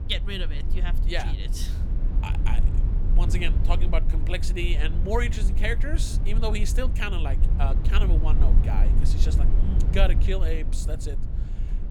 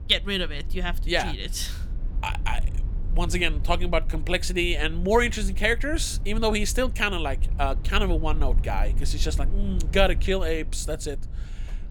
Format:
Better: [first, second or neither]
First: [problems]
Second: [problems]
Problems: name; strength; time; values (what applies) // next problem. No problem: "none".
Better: second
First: low rumble; loud; throughout; 9 dB below the speech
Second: low rumble; faint; throughout; 20 dB below the speech